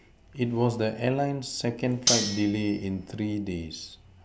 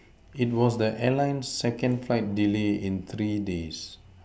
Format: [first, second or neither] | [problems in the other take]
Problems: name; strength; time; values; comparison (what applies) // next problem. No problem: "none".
second | background sound (Cutlery, silverware); 2 dB below the speech